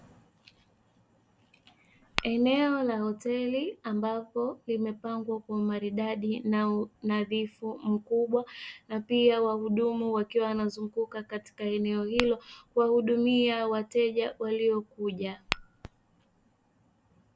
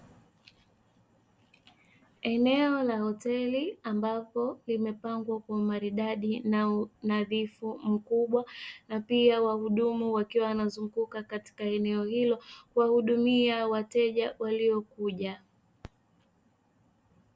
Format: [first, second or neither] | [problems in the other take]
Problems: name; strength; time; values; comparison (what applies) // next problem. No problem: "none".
second | background sound (Tap / Glass); 12 dB below the speech